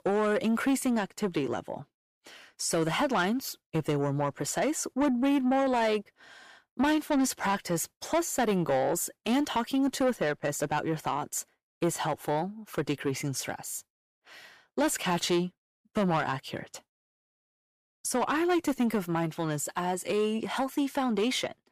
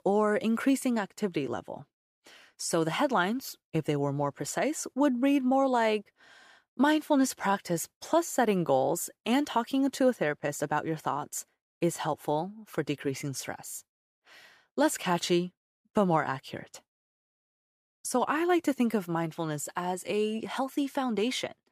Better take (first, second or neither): second